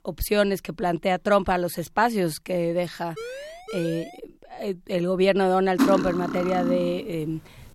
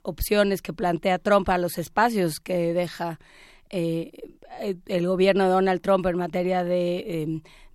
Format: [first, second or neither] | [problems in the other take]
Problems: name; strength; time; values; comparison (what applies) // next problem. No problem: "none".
second | siren; faint; from 3 to 4 s; peak 10 dB below the speech // clattering dishes; loud; from 6 to 7 s; peak 2 dB above the speech